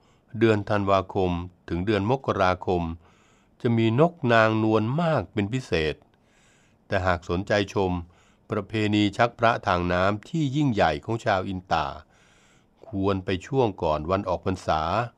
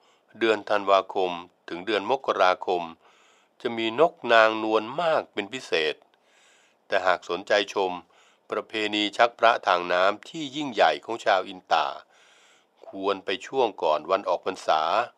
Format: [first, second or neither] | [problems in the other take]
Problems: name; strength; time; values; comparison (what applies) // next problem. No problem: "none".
first | thin; very; fading below 500 Hz